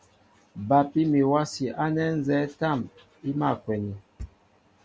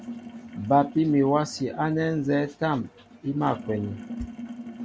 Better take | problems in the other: first | background sound (Sink (filling or washing)); 14 dB below the speech

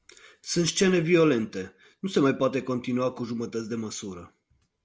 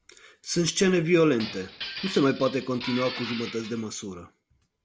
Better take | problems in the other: first | background sound (Glass); 11 dB below the speech

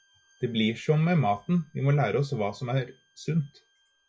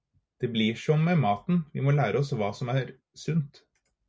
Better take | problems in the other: second | noise reduction (classical method log-MMSE)

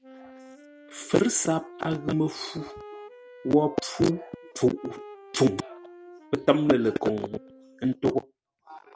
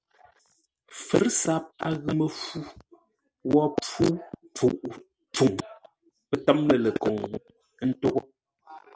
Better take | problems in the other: second | background sound (Wind instrument, woodwind instrument); 20 dB below the speech

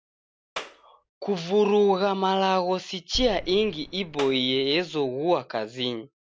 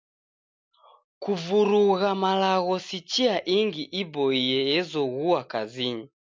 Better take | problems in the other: second | background sound (Clapping + Boom); 14 dB below the speech

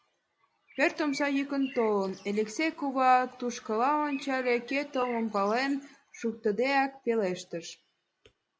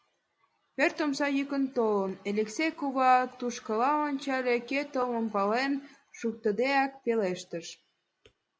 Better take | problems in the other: second | background sound (Bird); 18 dB below the speech

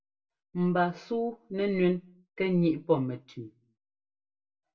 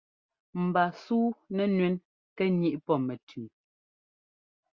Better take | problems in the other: second | room echo; dies away in 0.2 s

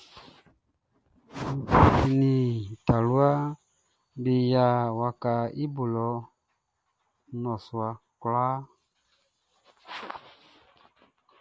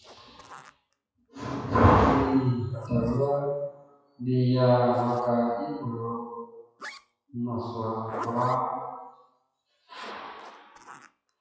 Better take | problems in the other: first | noise reduction (classical method WPE with log-MMSE)

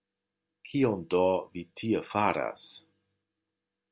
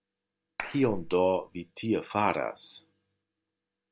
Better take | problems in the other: first | background sound (Clapping); 9 dB below the speech

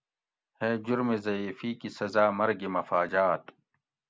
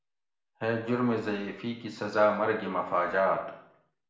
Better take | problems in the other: first | room echo; dies away in 0.7 s

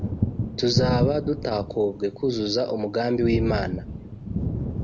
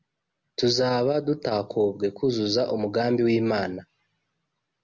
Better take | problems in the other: second | background sound (Thunder); 2 dB below the speech

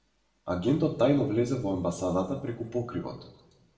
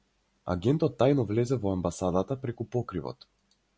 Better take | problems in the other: second | room echo; dies away in 0.8 s

